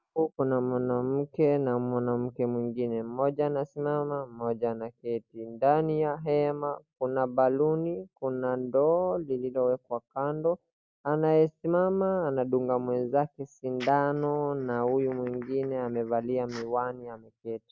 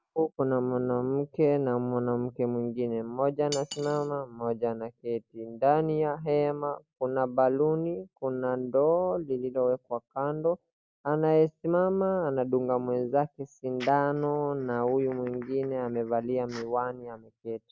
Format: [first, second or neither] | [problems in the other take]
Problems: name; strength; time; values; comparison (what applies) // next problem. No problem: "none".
first | background sound (Cutlery, silverware); 18 dB below the speech